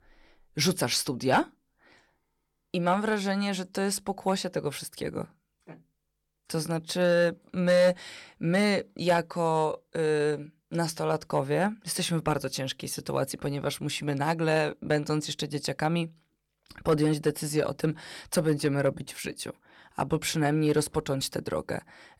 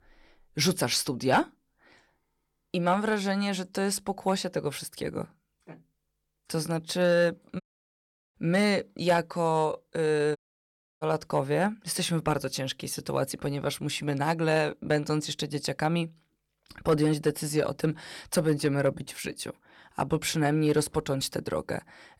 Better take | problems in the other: first | audio cutting out; at 7.5 s for 0.5 s and at 10 s for 0.5 s

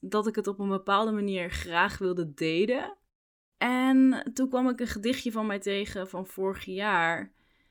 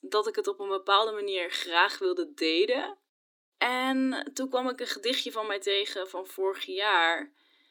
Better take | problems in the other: first | thin; somewhat; fading below 300 Hz

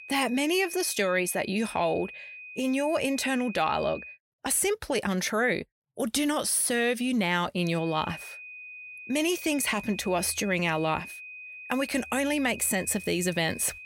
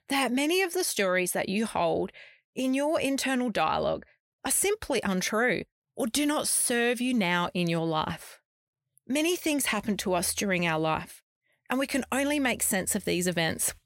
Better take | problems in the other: second | high-pitched whine; noticeable; until 4 s and from 7.5 s on; 2.5 kHz, 15 dB below the speech

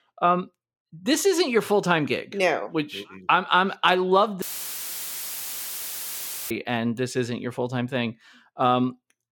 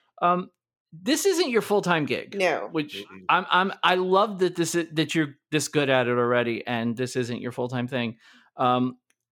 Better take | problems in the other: second | audio cutting out; filled with static; at 4.5 s for 2 s

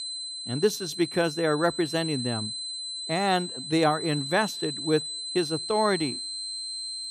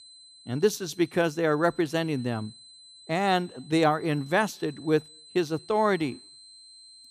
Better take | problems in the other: second | high-pitched whine; loud; throughout; 4 kHz, 5 dB below the speech; faint in the second

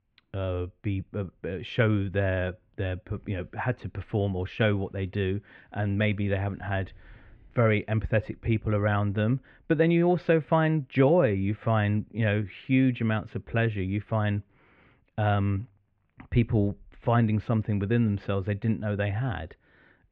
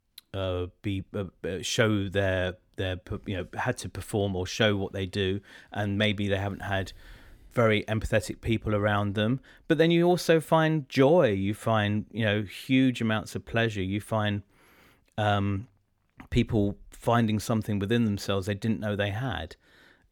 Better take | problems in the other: second | muffled; very; fading above 2.5 kHz

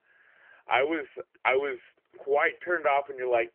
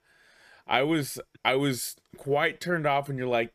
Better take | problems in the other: second | phone-call audio; nothing above 3 kHz

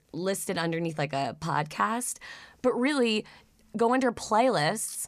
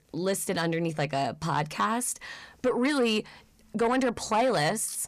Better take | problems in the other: first | distortion; slight; 10 dB below the speech

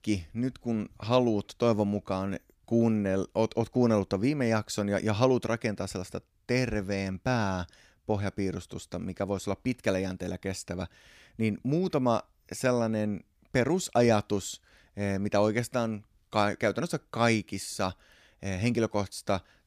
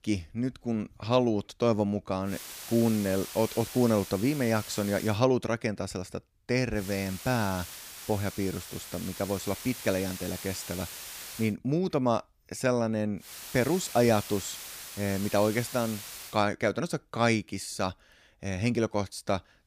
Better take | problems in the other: first | hiss; noticeable; from 2.5 to 5 s, from 7 to 11 s and from 13 to 16 s; 10 dB below the speech

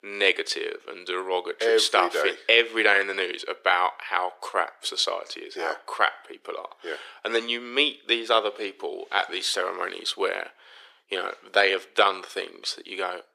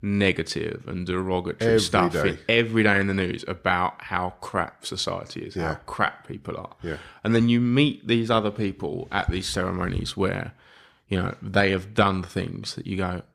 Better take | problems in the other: second | thin; very; fading below 400 Hz

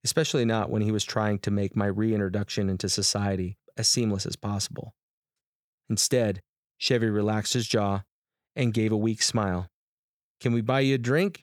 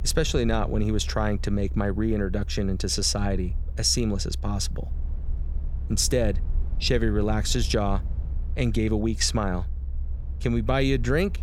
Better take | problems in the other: first | low rumble; faint; throughout; 25 dB below the speech

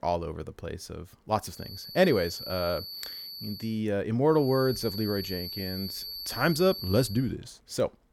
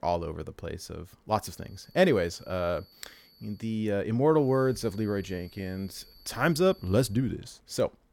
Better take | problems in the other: second | high-pitched whine; loud; from 1.5 to 3.5 s and from 4.5 to 7 s; 4.5 kHz, 8 dB below the speech; faint in the second

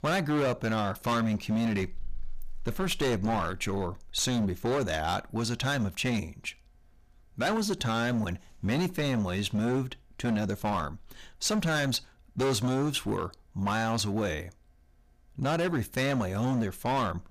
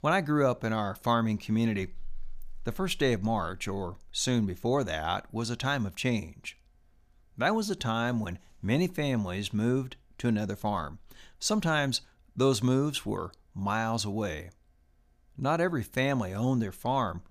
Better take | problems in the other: second | distortion; heavy; 15% of the sound clipped

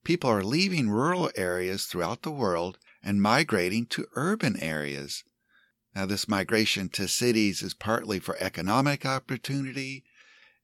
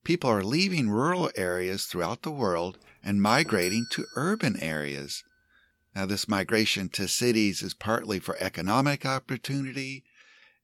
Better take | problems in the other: first | doorbell; noticeable; from 3.5 to 4.5 s; peak 7 dB below the speech

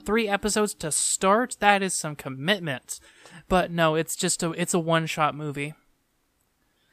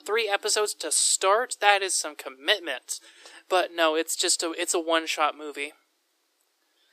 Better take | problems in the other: first | thin; very; fading below 300 Hz

